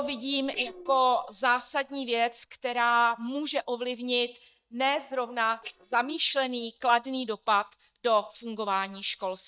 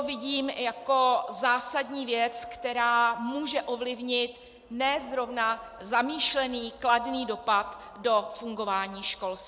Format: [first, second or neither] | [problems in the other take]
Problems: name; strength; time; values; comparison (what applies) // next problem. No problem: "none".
second | noise reduction (neural mask model DeepFilterNet 3)